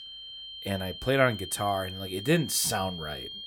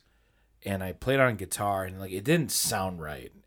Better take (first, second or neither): second